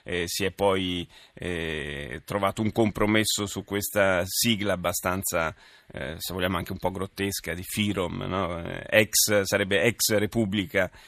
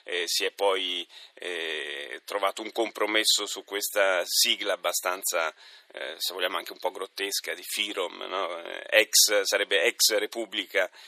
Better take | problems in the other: first | thin; very; fading below 350 Hz

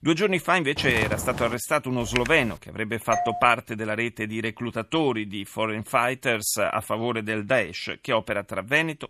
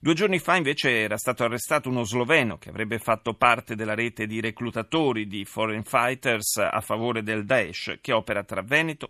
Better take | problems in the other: second | footsteps; noticeable; at 1 s; peak 5 dB below the speech // keyboard typing; noticeable; at 2 s; peak 5 dB below the speech // doorbell; noticeable; at 3 s; peak 4 dB below the speech

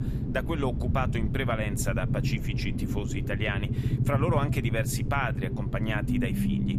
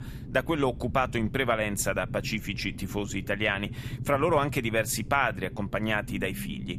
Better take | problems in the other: second | low rumble; loud; throughout; 7 dB below the speech; faint in the second

